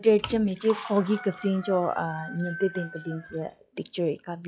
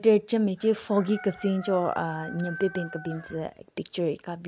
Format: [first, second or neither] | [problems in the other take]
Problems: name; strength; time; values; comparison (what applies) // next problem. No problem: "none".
second | noise reduction (classical method log-MMSE)